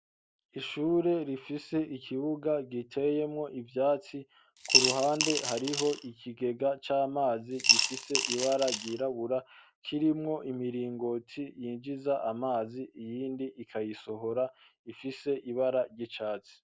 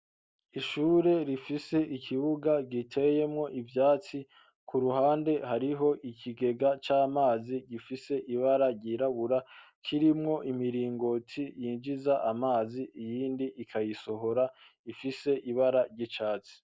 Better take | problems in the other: second | background sound (Coin (dropping) / Glass); 3 dB above the speech

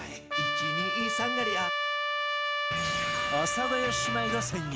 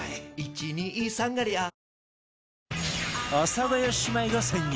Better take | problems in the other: second | background sound (Trumpet); 3 dB above the speech

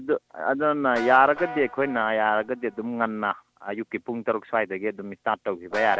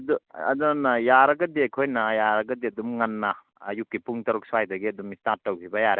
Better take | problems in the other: second | background sound (Guitar); 16 dB below the speech

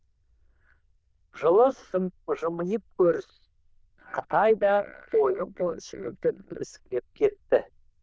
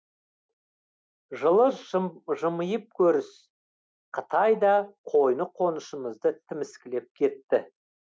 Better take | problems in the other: second | noise reduction (neural diffusion model UNIVERSE++)

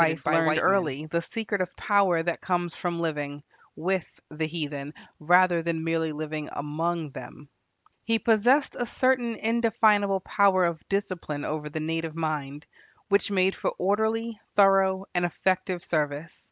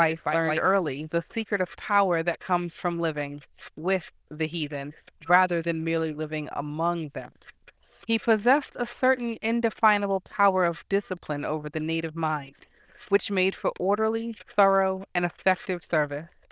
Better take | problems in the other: first | noise reduction (neural diffusion model UNIVERSE++)

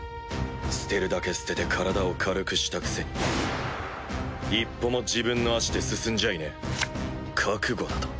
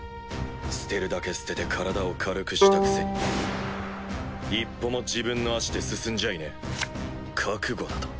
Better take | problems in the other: first | background sound (Bowed string instrument); 2 dB below the speech

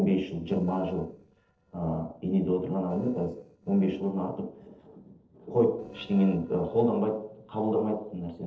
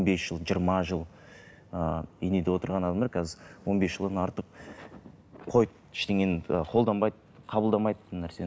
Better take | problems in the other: second | noise reduction (neural separator model SepFormer DNS4)

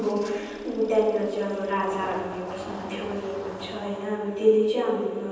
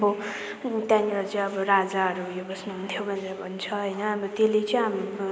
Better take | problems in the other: second | background sound (Engine starting); 16 dB below the speech // room echo; dies away in 1.1 s

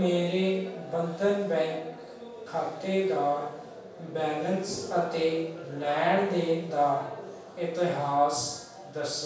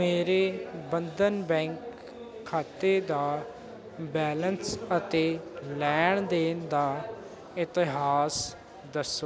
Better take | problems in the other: second | room echo; dies away in 0.7 s

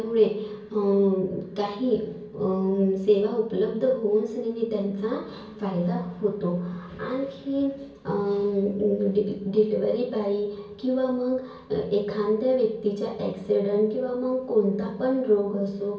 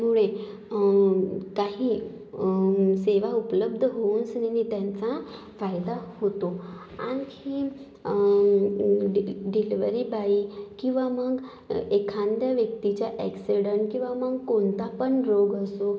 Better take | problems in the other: second | room echo; dies away in 0.4 s

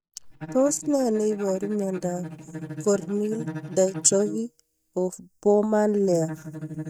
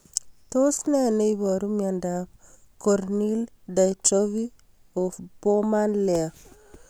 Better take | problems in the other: second | noise reduction (neural mask model DeepFilterNet 3)

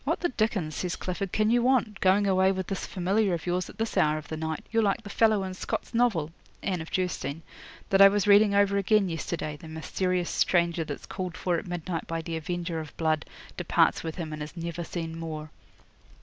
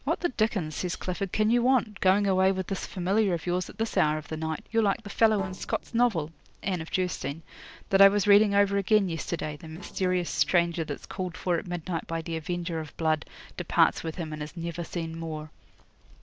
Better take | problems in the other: first | noise reduction (neural separator model SepFormer DNS4)

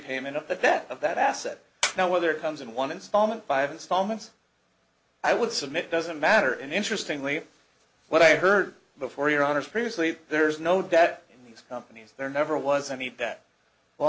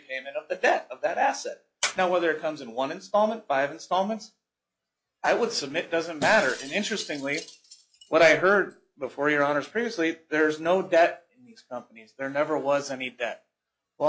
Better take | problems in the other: first | noise reduction (classical method log-MMSE)

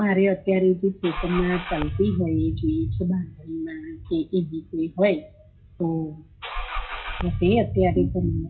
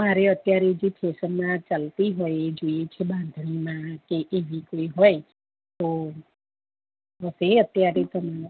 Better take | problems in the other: second | noise reduction (classical method WPE with log-MMSE)

